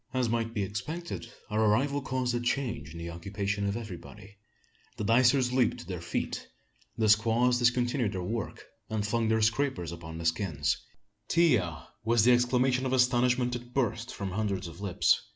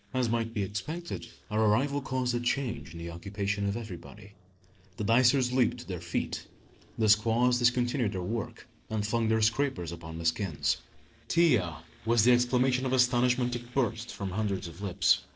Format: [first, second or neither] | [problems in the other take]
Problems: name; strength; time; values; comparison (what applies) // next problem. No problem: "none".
first | noise reduction (neural separator model SepFormer DNS4)